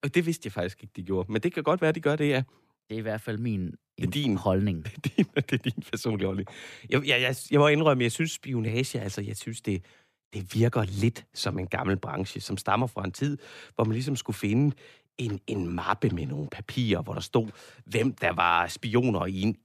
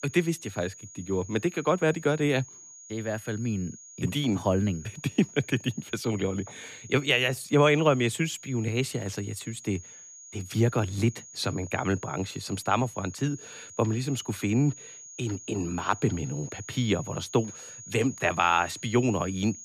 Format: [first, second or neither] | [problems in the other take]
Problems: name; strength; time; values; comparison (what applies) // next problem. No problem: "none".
first | high-pitched whine; noticeable; throughout; 6.5 kHz, 15 dB below the speech